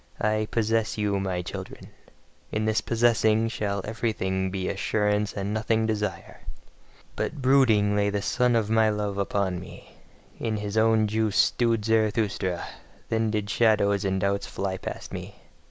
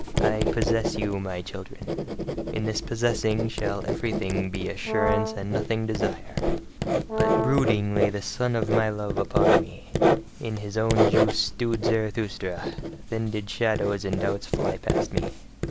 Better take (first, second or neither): first